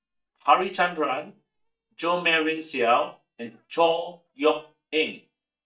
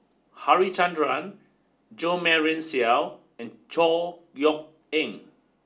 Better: second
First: noise reduction (neural mask model DeepFilterNet 3)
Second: none

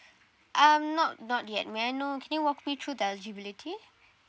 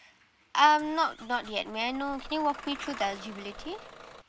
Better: first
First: none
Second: background sound (Engine starting / Bus); 16 dB below the speech

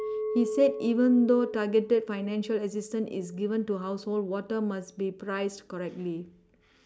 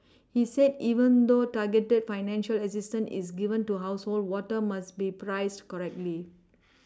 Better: second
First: background sound (Chink, clink); 11 dB below the speech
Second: none

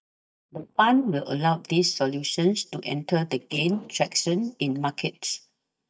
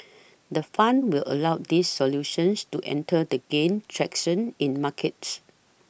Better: second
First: noise reduction (neural mask model DeepFilterNet 3)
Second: none

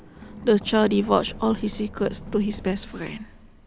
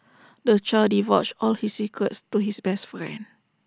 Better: second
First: background sound (Run); 14 dB below the speech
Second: none

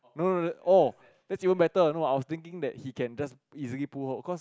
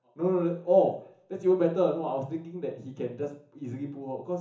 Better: first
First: none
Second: room echo; dies away in 0.7 s

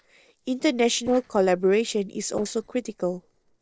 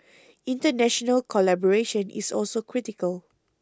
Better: second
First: noise reduction (neural separator model SepFormer DNS4)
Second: none

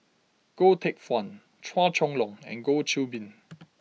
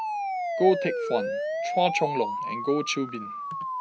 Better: first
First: none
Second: background sound (Siren); 2 dB below the speech

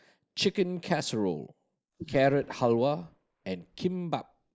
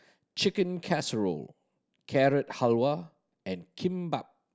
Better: second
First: noise reduction (neural mask model Resemble Enhance denoiser)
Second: none

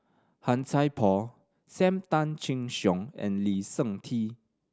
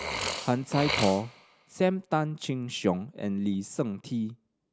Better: first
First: none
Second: background sound (Burping, eructation); 9 dB below the speech

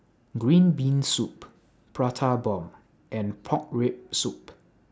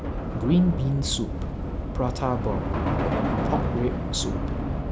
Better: first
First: none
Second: background sound (Subway, metro, underground / Train); 1 dB above the speech

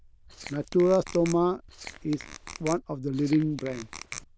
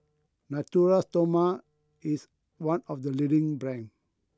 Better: second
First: noise reduction (neural diffusion model UNIVERSE++)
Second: none

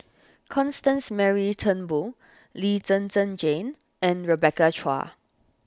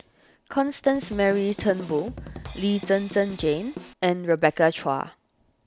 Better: first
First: none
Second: background sound (Drum kit); 14 dB below the speech

